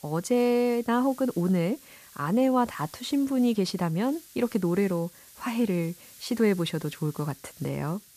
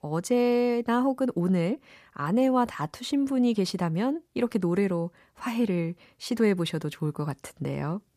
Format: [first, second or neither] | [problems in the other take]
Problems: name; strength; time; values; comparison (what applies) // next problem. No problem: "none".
second | hiss; faint; throughout; 20 dB below the speech